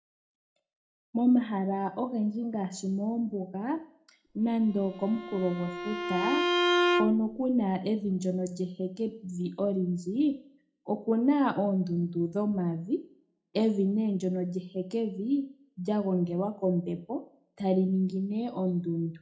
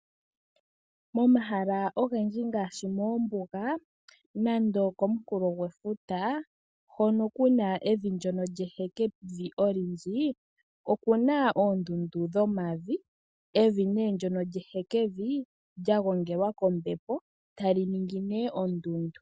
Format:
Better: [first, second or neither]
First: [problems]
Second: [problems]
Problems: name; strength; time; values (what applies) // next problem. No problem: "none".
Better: second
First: background sound (Bowed string instrument); 1 dB below the speech // room echo; dies away in 0.4 s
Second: none